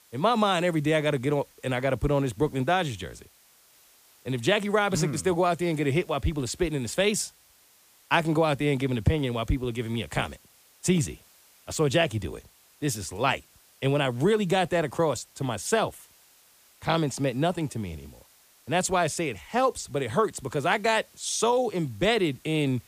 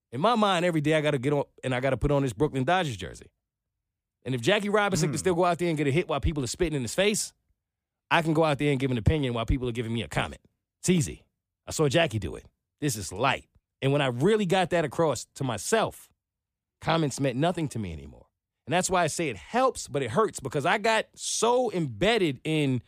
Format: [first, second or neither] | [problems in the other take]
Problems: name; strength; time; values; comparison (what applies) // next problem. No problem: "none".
second | hiss; faint; throughout; 30 dB below the speech